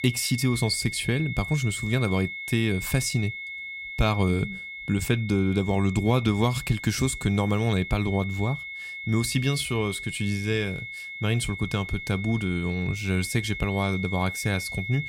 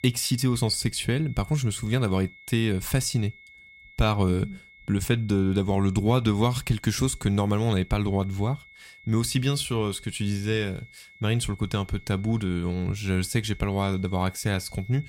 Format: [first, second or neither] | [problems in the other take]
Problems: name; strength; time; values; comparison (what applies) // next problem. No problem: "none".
second | high-pitched whine; loud; throughout; 2 kHz, 8 dB below the speech; faint in the second